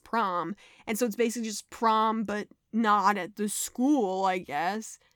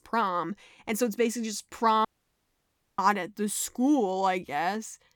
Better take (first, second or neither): first